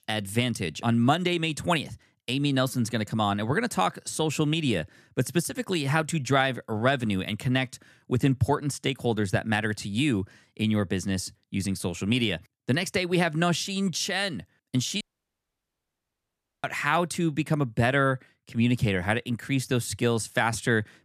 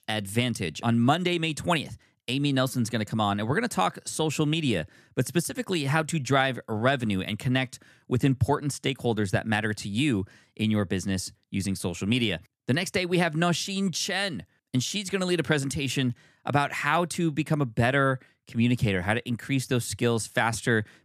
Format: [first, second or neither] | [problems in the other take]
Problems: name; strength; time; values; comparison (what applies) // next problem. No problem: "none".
second | audio cutting out; at 15 s for 1.5 s